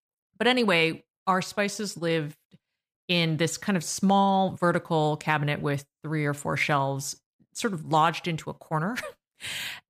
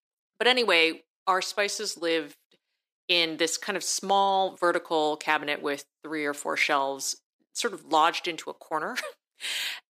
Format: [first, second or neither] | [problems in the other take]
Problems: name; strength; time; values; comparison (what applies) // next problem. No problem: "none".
first | thin; somewhat; fading below 350 Hz